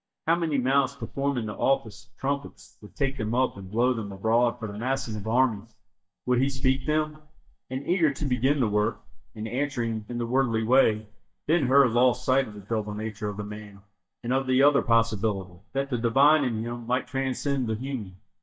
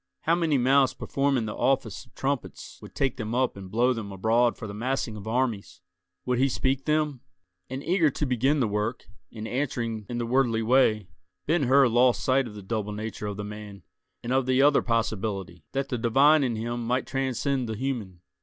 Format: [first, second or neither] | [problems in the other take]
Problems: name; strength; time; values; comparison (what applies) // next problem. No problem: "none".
second | noise reduction (neural mask model DeepFilterNet 3)